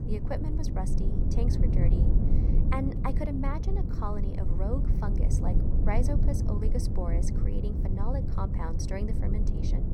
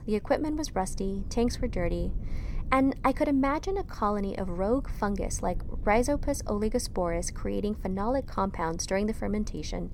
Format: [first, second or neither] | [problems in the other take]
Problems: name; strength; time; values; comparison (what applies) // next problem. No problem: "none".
second | low rumble; loud; throughout; 3 dB below the speech; faint in the second